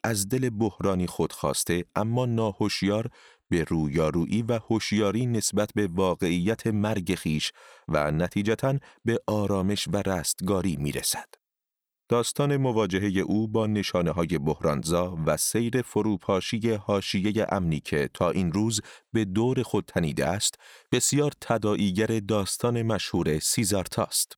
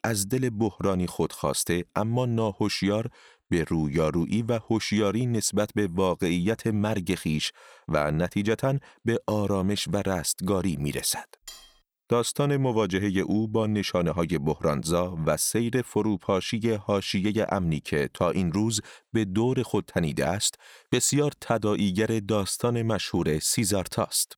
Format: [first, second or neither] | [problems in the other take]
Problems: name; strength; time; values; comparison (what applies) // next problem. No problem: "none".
first | clattering dishes; faint; at 11 s; peak 20 dB below the speech